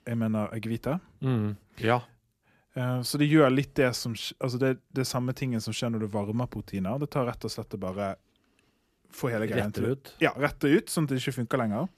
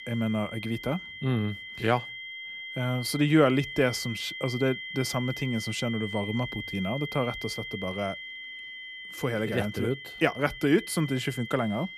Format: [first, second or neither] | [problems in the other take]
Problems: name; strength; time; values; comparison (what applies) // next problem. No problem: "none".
first | high-pitched whine; loud; throughout; 2 kHz, 9 dB below the speech